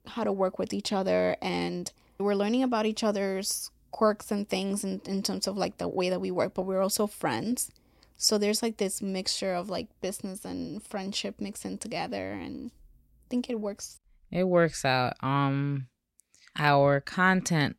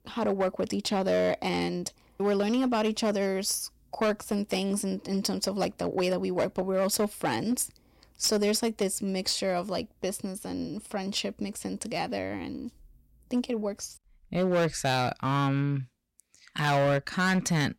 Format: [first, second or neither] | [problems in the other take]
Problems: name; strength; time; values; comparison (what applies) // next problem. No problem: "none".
first | distortion; slight; 6% of the sound clipped